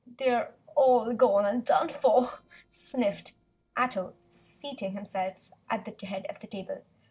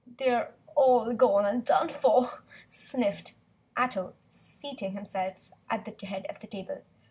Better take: second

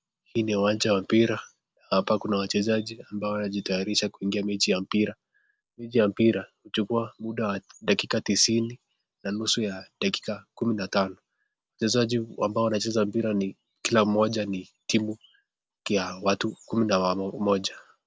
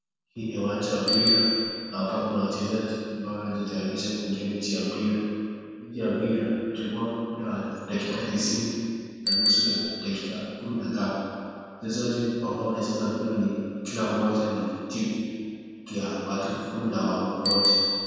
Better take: first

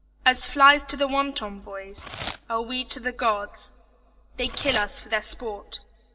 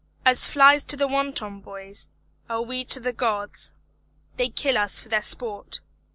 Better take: second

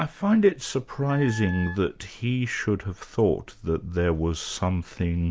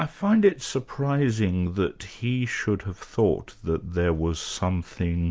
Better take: second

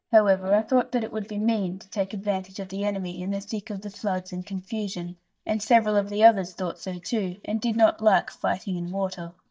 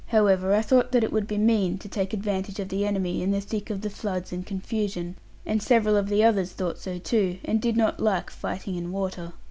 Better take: second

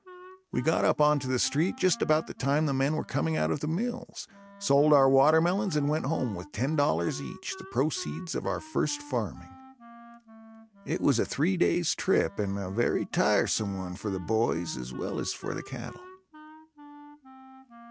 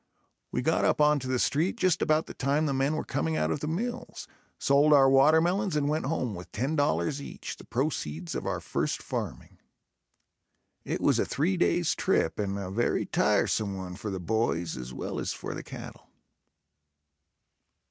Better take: second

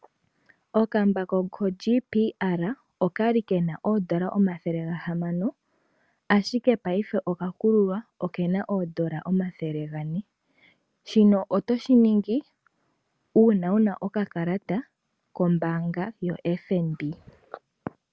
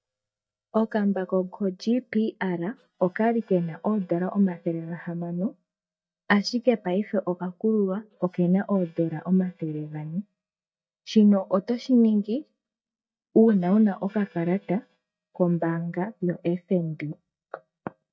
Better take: first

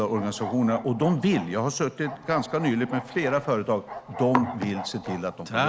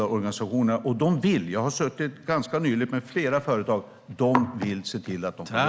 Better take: second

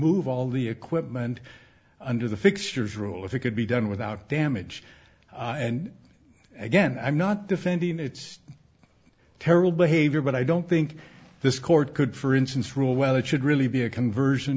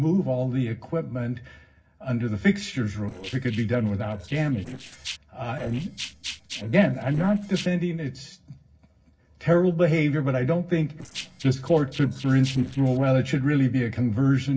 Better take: first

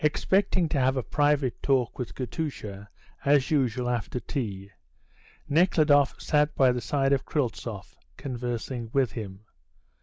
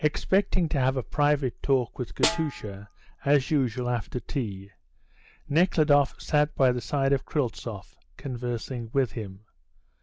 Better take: first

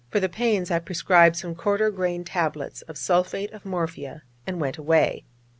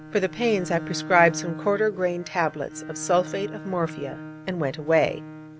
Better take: first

